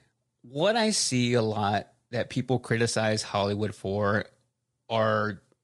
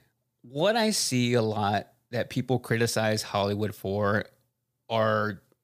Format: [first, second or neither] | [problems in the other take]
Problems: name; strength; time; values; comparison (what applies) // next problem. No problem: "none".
second | garbled, watery; slightly; nothing above 10 kHz